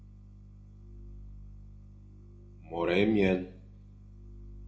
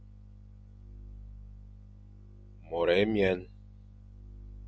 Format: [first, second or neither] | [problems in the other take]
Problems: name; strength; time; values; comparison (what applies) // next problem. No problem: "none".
second | room echo; dies away in 0.4 s